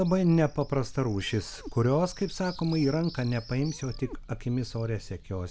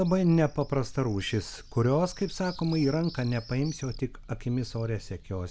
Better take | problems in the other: second | background sound (Meow); 19 dB below the speech

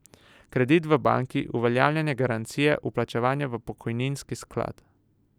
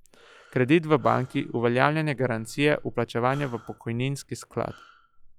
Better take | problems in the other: first | noise reduction (classical method log-MMSE)

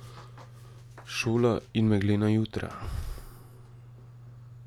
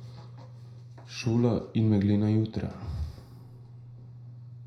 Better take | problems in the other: first | room echo; dies away in 0.5 s

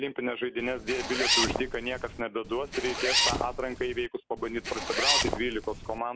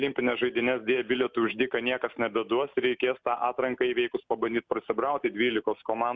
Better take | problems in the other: second | background sound (Zipper (clothing)); 1 dB above the speech

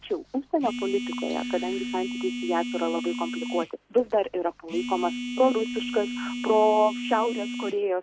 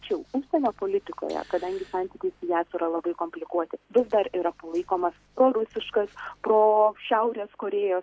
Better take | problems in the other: second | background sound (Telephone); 6 dB below the speech

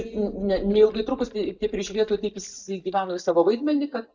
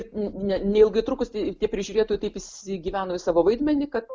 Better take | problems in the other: second | noise reduction (neural mask model DeepFilterNet 3)

